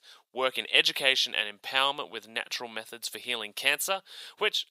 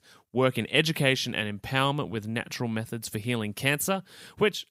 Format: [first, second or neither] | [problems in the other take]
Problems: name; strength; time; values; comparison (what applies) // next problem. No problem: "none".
second | thin; very; fading below 650 Hz